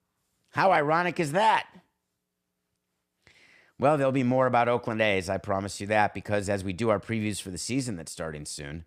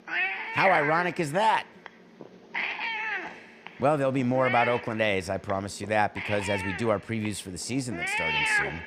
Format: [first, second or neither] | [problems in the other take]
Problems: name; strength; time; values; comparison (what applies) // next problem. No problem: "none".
first | animal sounds; loud; throughout; 2 dB below the speech